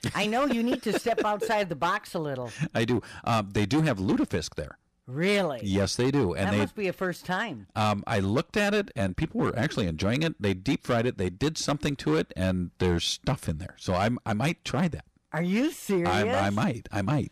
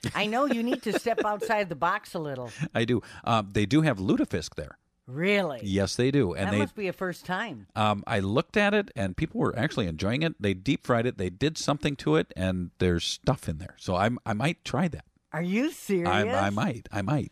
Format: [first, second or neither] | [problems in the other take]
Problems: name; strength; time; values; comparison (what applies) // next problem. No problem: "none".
second | distortion; slight; 8% of the sound clipped